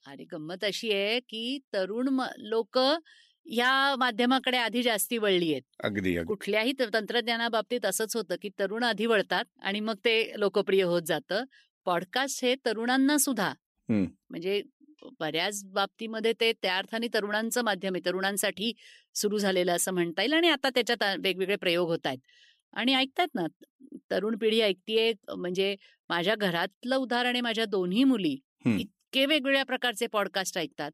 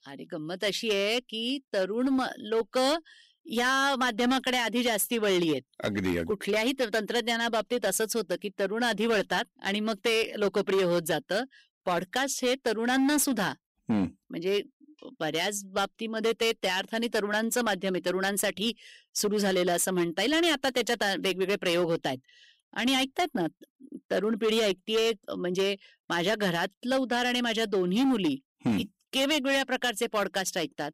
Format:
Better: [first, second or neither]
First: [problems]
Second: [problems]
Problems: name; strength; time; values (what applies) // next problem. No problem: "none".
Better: first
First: none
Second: distortion; slight; 10% of the sound clipped